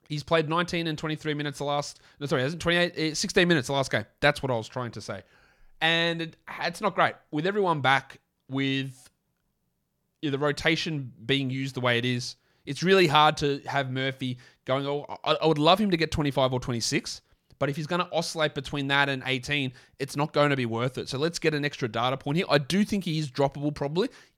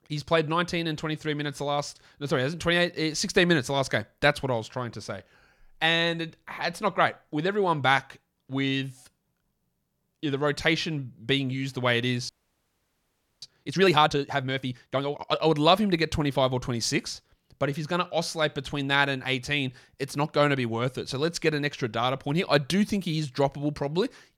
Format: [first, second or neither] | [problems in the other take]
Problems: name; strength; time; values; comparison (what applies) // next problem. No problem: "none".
first | audio freezing; at 12 s for 1 s